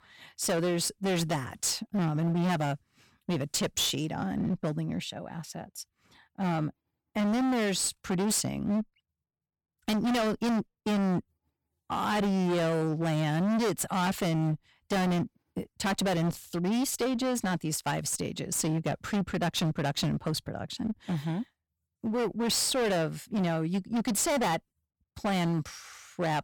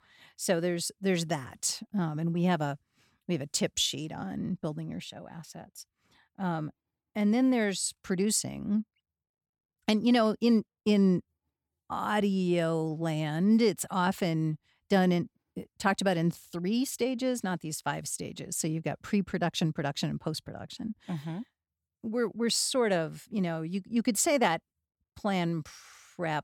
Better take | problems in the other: second | distortion; heavy; 22% of the sound clipped

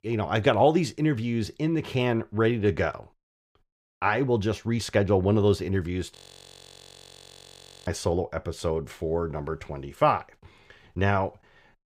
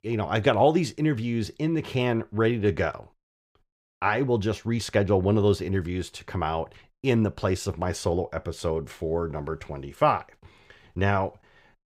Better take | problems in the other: second | audio freezing; at 6 s for 1.5 s

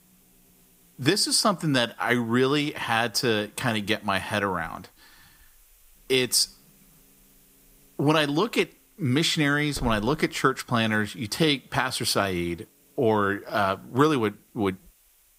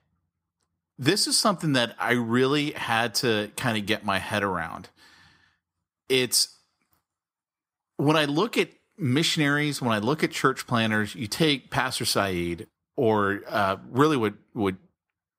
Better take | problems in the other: second | hiss; faint; throughout; 30 dB below the speech

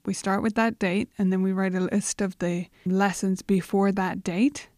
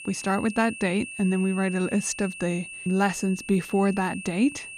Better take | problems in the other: first | high-pitched whine; noticeable; throughout; 2.5 kHz, 10 dB below the speech

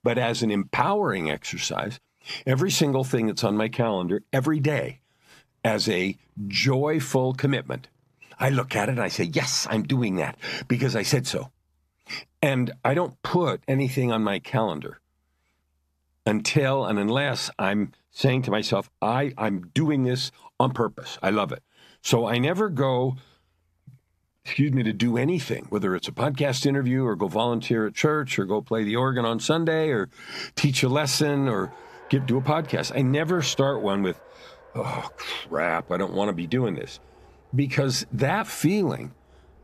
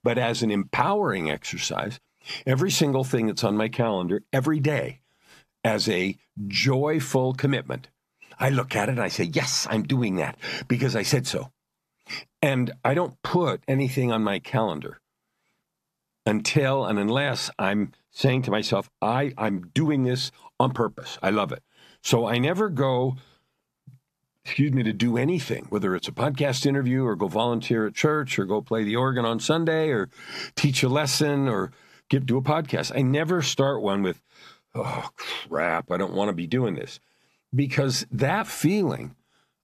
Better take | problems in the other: second | traffic noise; faint; throughout; 25 dB below the speech

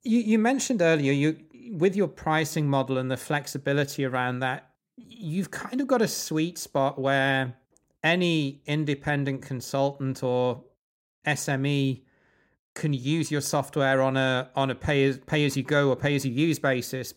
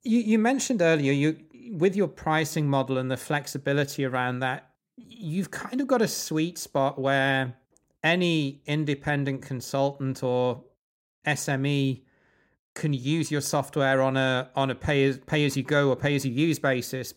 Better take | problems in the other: neither | none

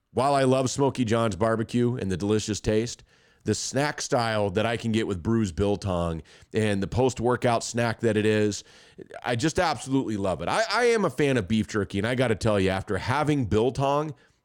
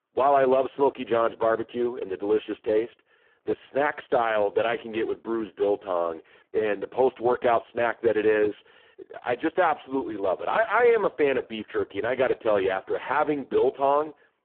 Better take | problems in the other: first | phone-call audio; poor line

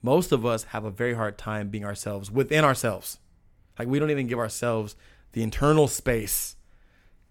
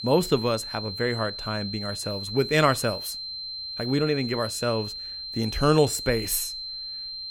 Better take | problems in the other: first | high-pitched whine; loud; throughout; 4 kHz, 7 dB below the speech

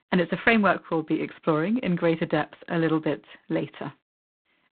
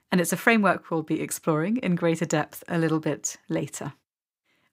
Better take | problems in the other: second | phone-call audio; poor line; nothing above 4 kHz

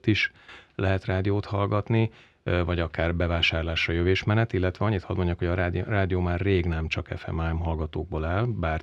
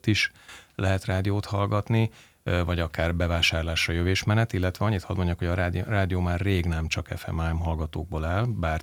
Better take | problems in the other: second | muffled; very slightly; fading above 3 kHz

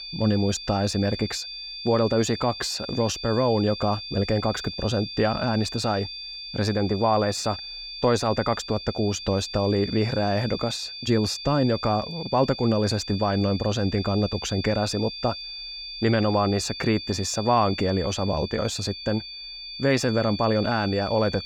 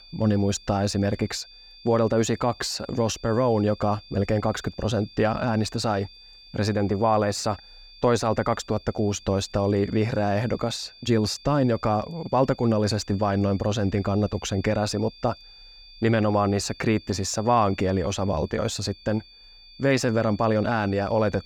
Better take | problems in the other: second | high-pitched whine; loud; throughout; 4.5 kHz, 9 dB below the speech; faint in the second

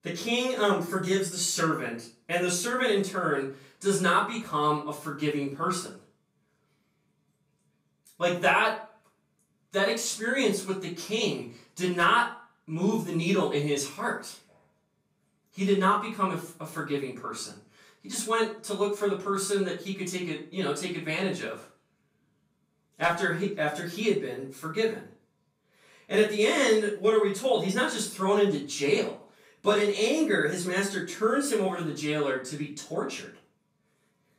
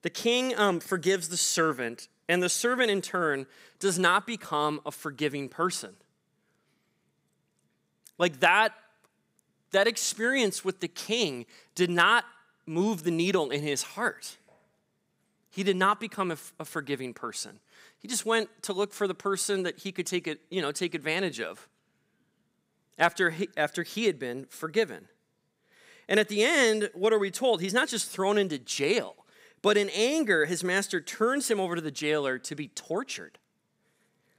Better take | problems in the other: second | off-mic speech; far // room echo; slight; dies away in 0.3 s

